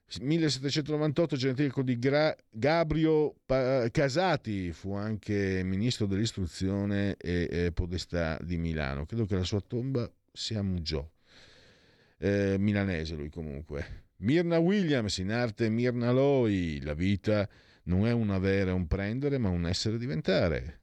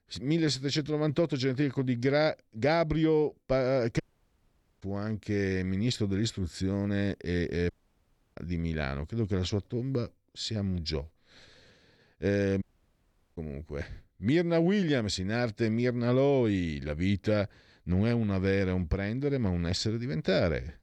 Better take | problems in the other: first | audio cutting out; at 4 s for 1 s, at 7.5 s for 0.5 s and at 13 s for 1 s

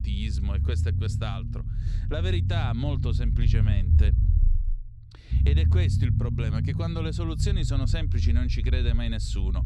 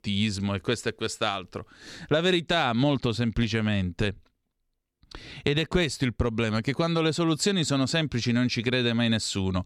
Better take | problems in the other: second | low rumble; loud; throughout; 4 dB below the speech

